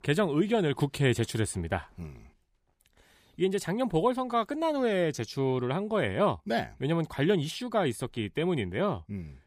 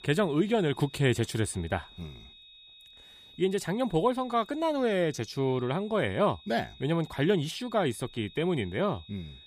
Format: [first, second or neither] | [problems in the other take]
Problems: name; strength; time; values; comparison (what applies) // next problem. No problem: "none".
first | high-pitched whine; faint; throughout; 3.5 kHz, 20 dB below the speech